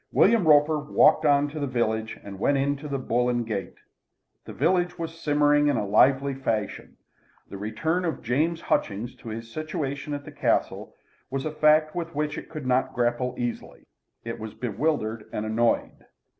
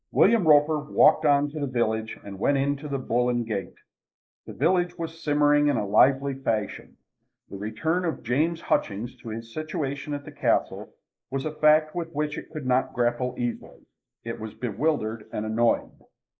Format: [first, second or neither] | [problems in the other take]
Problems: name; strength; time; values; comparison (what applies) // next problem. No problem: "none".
first | noise reduction (neural mask model Resemble Enhance denoiser)